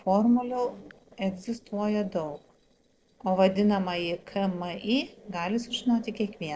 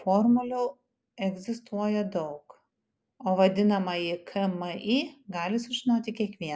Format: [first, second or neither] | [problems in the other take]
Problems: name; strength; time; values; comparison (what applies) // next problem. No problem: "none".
second | noise reduction (neural separator model SepFormer DNS4)